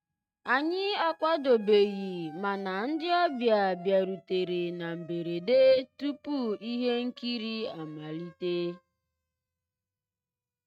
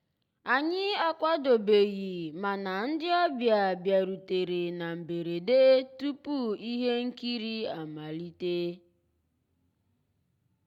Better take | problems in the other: second | noise reduction (neural mask model RNNoise)

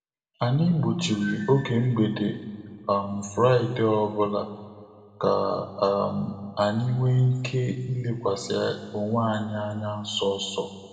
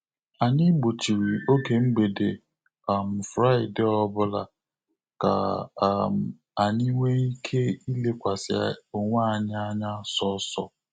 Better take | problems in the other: second | room echo; dies away in 1.5 s

